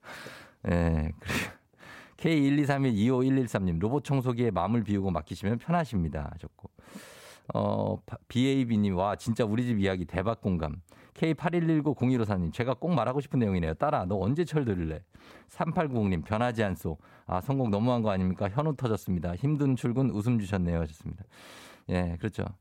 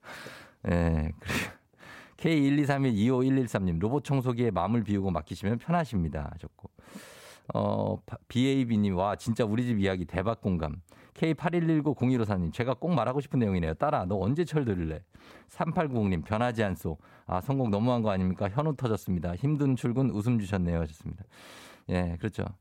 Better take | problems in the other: neither | none

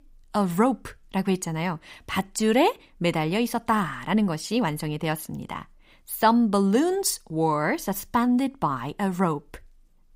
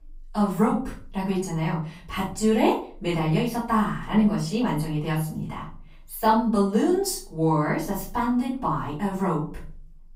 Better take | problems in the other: first | off-mic speech; far // room echo; noticeable; dies away in 0.4 s

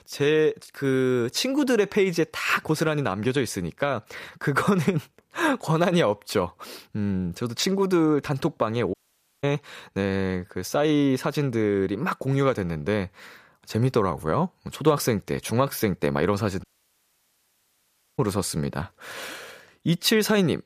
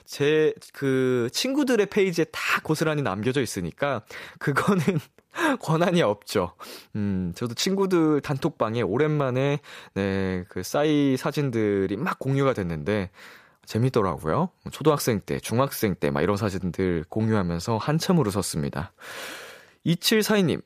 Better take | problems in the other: second | audio cutting out; at 9 s and at 17 s for 1.5 s

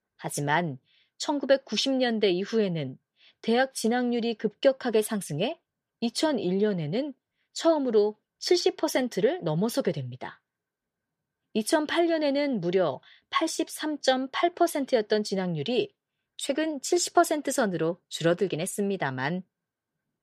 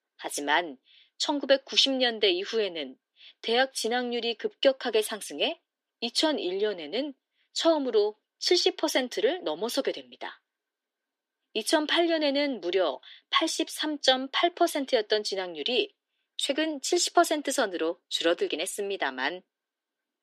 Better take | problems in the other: first | thin; very slightly; fading below 250 Hz

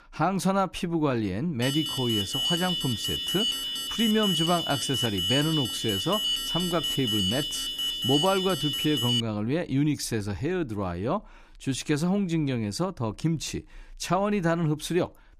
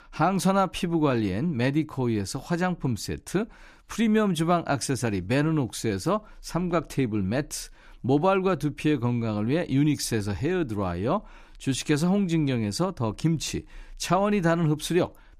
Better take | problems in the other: second | alarm; loud; from 1.5 to 9 s; peak 3 dB above the speech

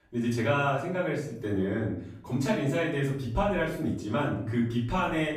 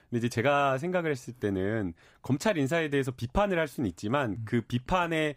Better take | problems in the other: second | off-mic speech; far // room echo; noticeable; dies away in 0.6 s

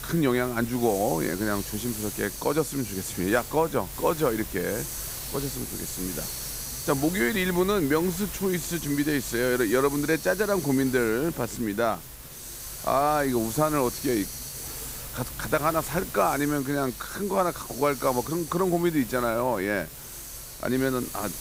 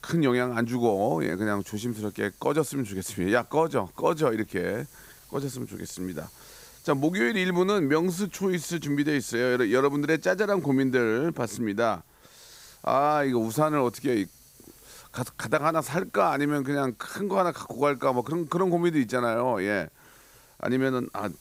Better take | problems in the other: second | hiss; loud; throughout; 8 dB below the speech; faint in the second

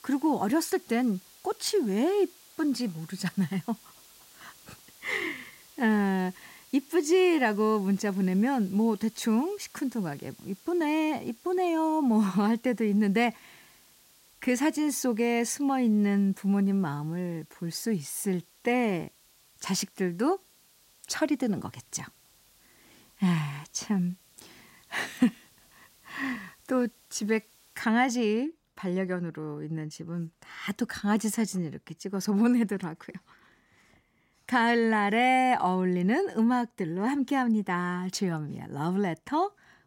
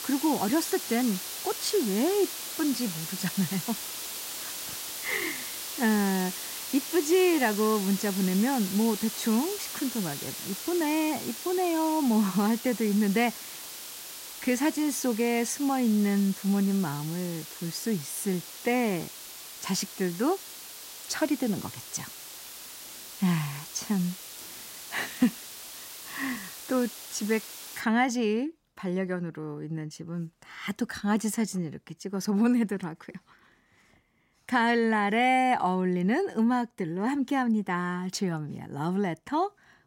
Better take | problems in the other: first | hiss; loud; until 28 s; 8 dB below the speech; faint in the first

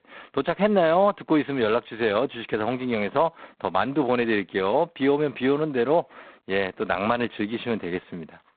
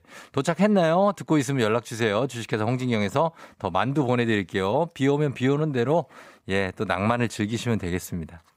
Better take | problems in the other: second | phone-call audio; poor line; nothing above 4 kHz

